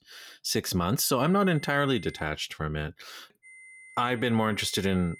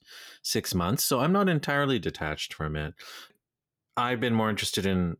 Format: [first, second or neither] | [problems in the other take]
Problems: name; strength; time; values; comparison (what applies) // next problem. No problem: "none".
second | high-pitched whine; faint; from 1 to 2.5 s and from 3.5 s on; 2 kHz, 20 dB below the speech